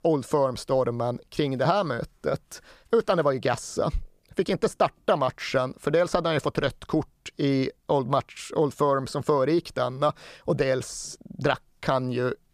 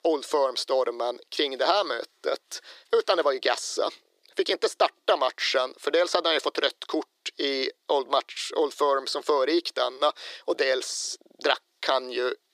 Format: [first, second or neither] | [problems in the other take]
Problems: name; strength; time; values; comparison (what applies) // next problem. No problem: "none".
first | thin; very; fading below 350 Hz